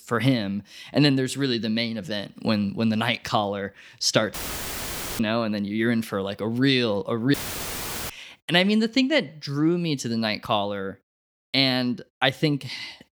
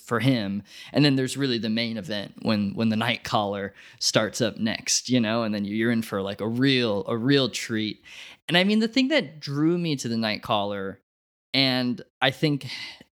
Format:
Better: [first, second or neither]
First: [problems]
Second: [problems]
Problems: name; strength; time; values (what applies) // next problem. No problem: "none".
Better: second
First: audio cutting out; filled with static; at 4.5 s for 1 s and at 7.5 s for 1 s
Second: none